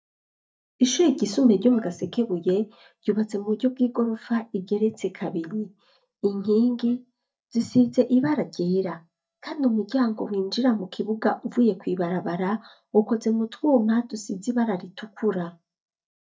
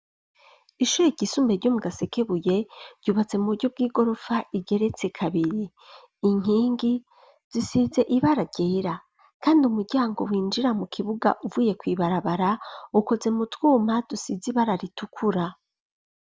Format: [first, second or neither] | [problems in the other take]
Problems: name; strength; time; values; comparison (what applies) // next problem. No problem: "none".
second | noise reduction (neural mask model DeepFilterNet 3)